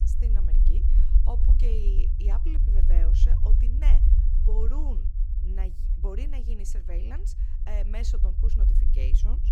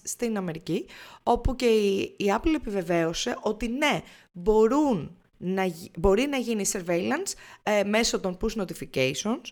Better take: second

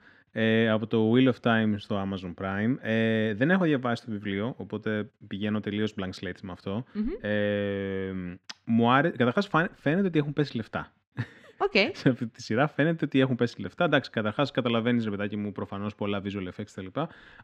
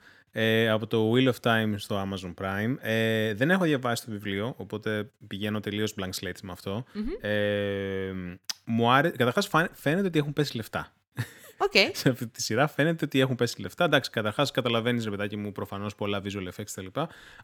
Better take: second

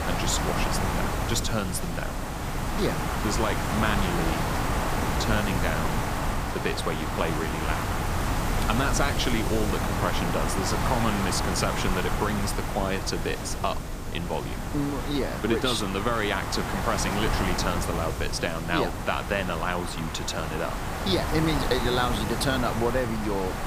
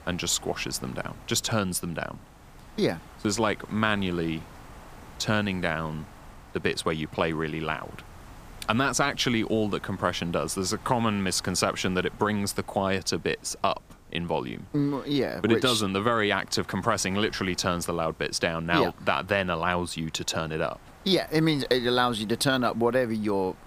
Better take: second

